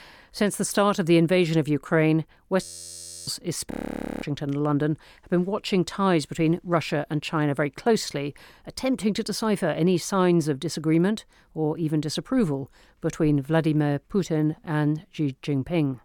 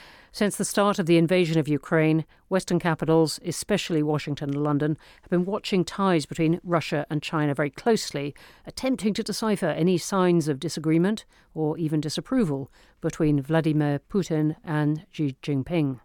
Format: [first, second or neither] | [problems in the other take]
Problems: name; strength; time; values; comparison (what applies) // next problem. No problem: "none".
second | audio freezing; at 2.5 s for 0.5 s and at 3.5 s for 0.5 s